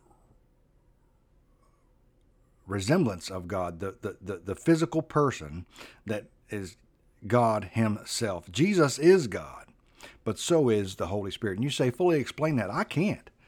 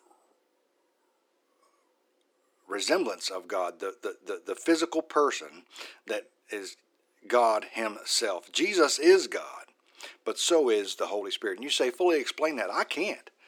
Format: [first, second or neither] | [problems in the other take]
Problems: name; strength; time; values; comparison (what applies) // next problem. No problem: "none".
first | thin; very; fading below 350 Hz